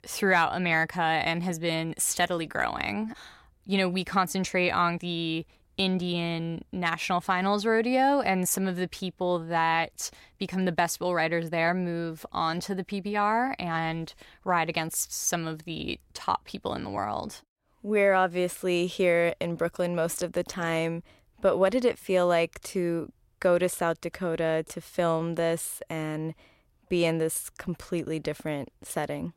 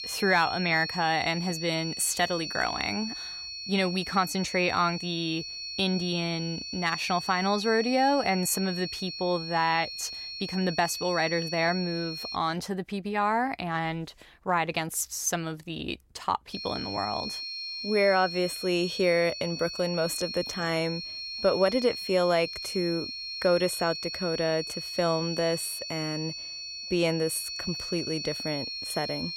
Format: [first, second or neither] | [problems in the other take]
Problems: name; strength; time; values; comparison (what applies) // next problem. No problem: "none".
first | high-pitched whine; loud; until 12 s and from 17 s on; 4.5 kHz, 6 dB below the speech